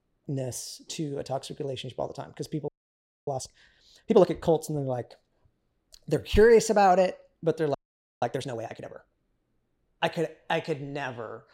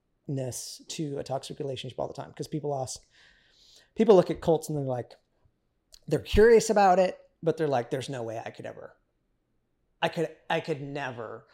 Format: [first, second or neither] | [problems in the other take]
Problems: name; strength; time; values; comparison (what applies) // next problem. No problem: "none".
second | audio freezing; at 2.5 s for 0.5 s and at 7.5 s